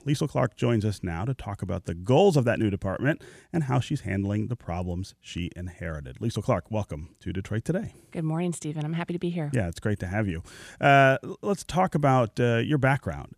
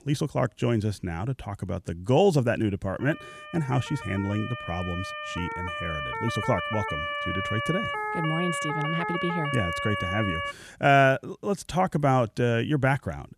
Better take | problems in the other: first | siren; noticeable; from 3 to 11 s; peak 2 dB below the speech

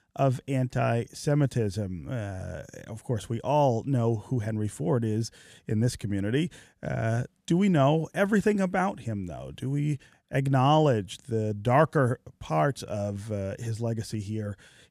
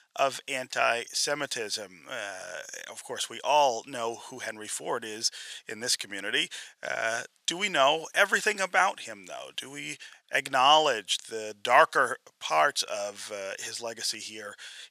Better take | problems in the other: first | thin; very; fading below 900 Hz

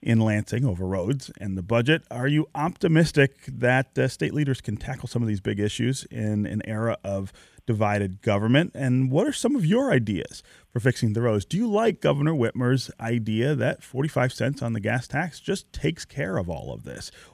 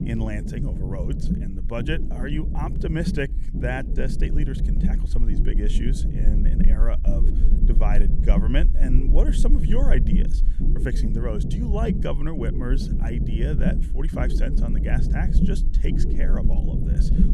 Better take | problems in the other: first | low rumble; loud; throughout; 4 dB below the speech

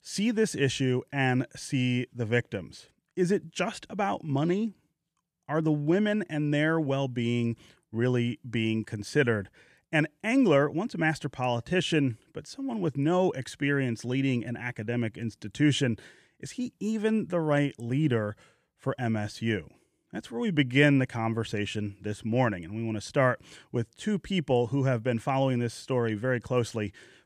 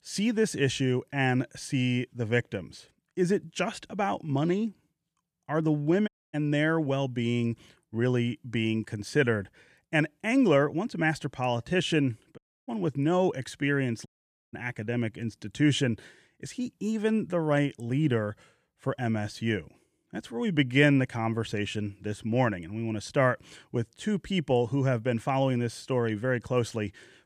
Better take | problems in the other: first | audio cutting out; at 6 s, at 12 s and at 14 s

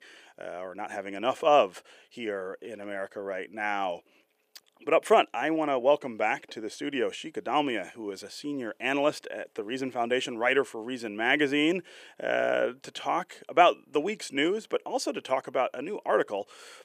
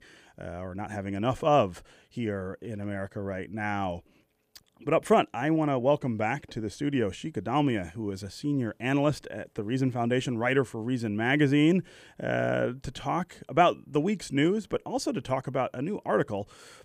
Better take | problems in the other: second | thin; somewhat; fading below 450 Hz

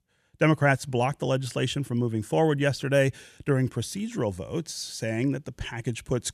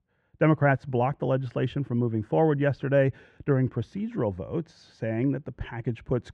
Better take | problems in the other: first | muffled; very; fading above 1.5 kHz

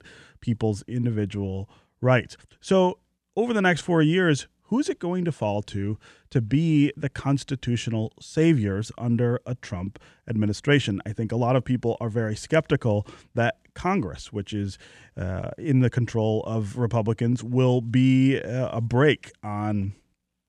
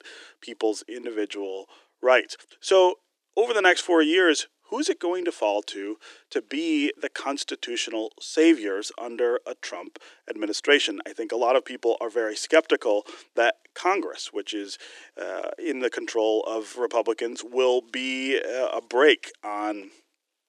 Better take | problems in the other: first | thin; very; fading below 300 Hz

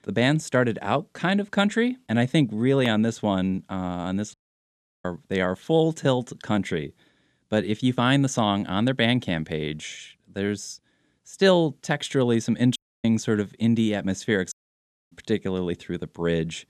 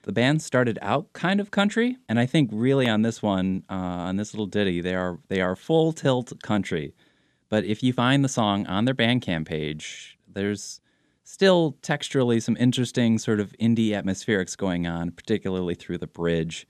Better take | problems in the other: second | audio cutting out; at 4.5 s for 0.5 s, at 13 s and at 15 s for 0.5 s

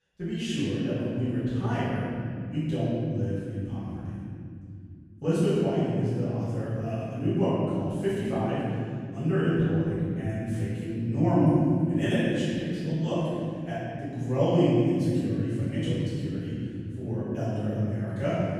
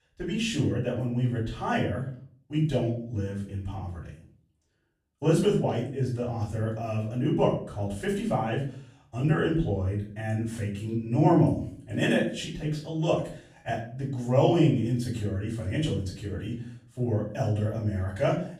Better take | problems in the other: second | room echo; strong; dies away in 3 s; slight in the second // off-mic speech; far; far in the second

